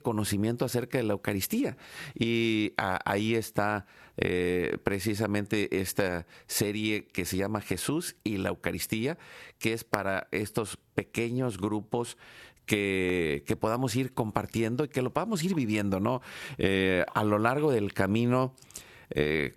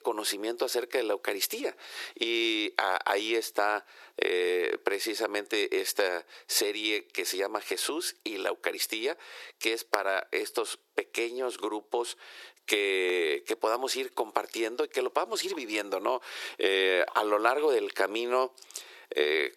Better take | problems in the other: first | thin; very; fading below 350 Hz

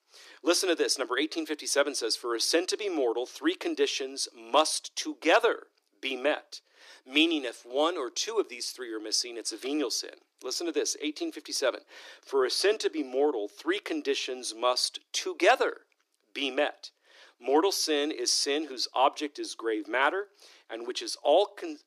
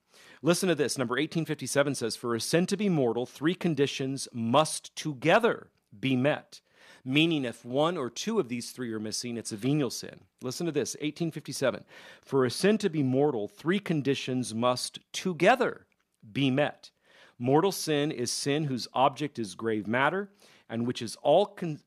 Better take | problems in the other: second | thin; somewhat; fading below 300 Hz

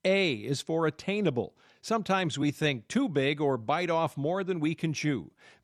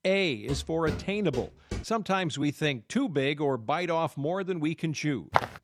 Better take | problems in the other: first | footsteps; noticeable; until 2 s; peak 8 dB below the speech // footsteps; loud; at 5.5 s; peak level with the speech

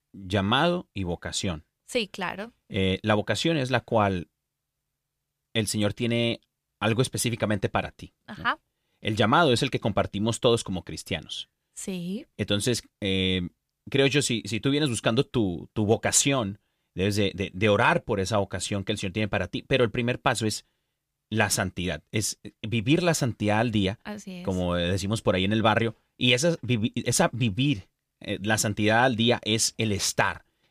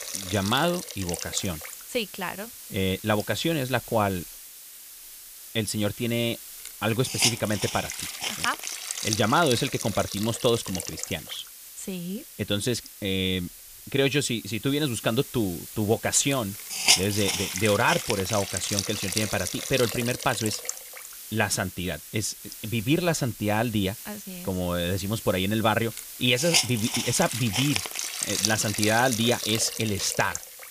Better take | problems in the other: first | hiss; loud; throughout; 4 dB below the speech

